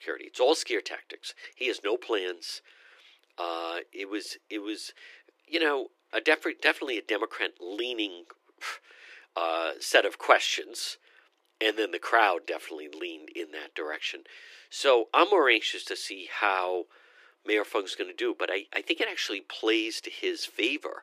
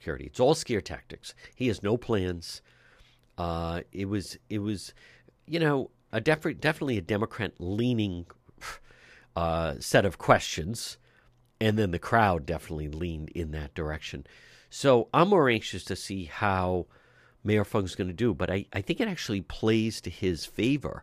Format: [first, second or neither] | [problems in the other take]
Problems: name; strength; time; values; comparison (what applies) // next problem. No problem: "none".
second | thin; very; fading below 300 Hz